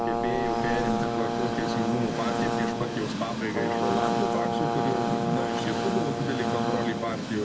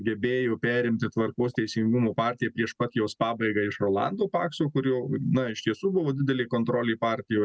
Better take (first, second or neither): second